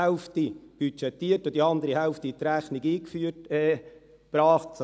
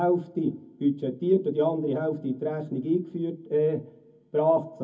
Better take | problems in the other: first | room echo; dies away in 0.3 s

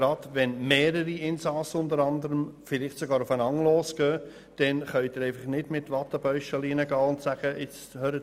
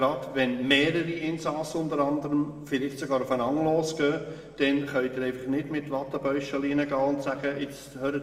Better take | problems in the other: first | room echo; dies away in 1.5 s

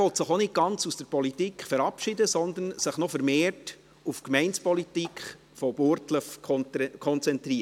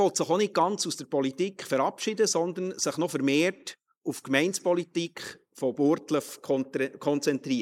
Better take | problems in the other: first | noise reduction (neural mask model Resemble Enhance denoiser)

